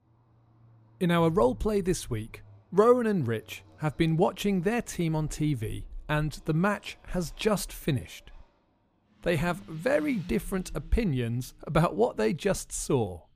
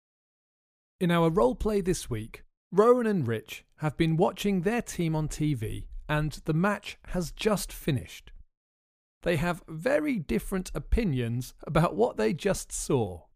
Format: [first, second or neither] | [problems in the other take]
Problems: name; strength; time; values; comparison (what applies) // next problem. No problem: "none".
second | traffic noise; faint; throughout; 25 dB below the speech